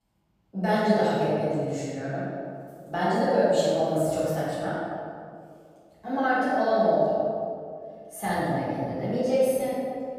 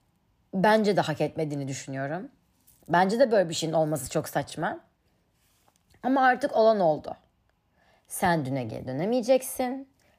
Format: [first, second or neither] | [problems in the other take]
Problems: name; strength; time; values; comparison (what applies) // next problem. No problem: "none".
second | off-mic speech; far // room echo; strong; dies away in 1.9 s